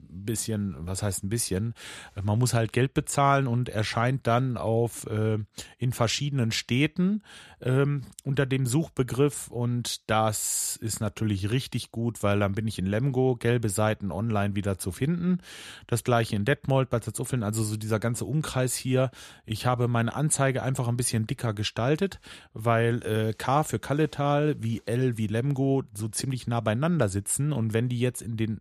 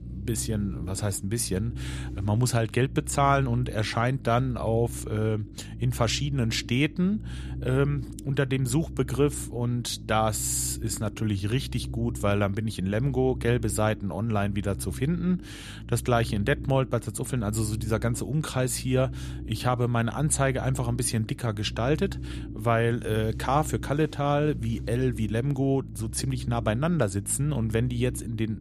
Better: first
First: none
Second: low rumble; noticeable; throughout; 20 dB below the speech

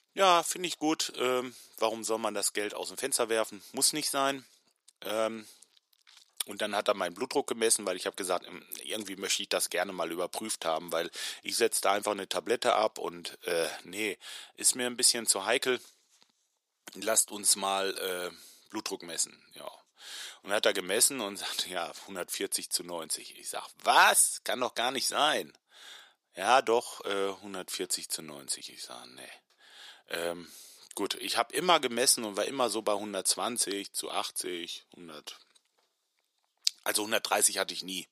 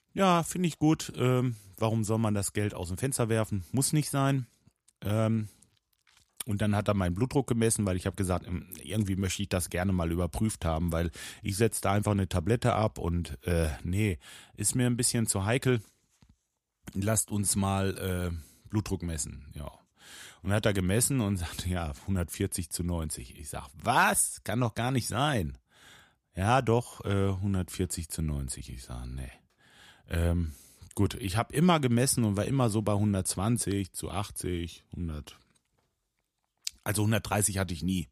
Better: second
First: thin; very; fading below 400 Hz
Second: none

